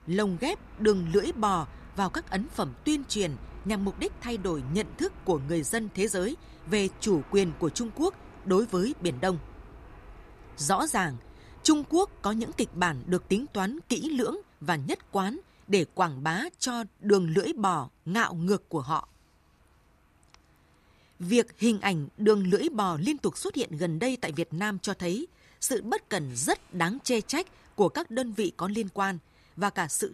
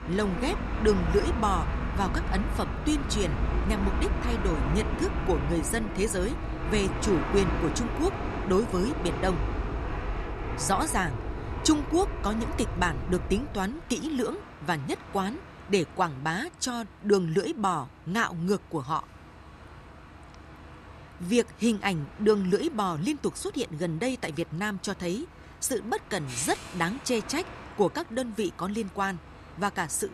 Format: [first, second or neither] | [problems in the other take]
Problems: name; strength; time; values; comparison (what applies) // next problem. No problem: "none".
first | train or aircraft noise; loud; throughout; 4 dB below the speech; faint in the first